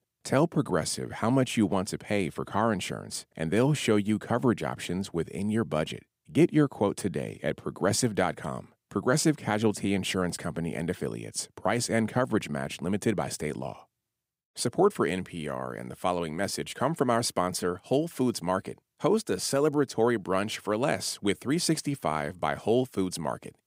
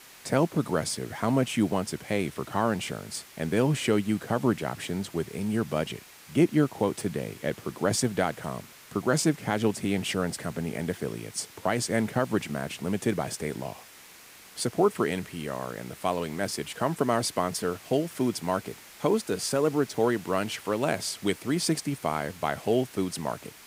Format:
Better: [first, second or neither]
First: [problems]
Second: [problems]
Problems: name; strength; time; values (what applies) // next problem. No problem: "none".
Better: first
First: none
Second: hiss; noticeable; throughout; 20 dB below the speech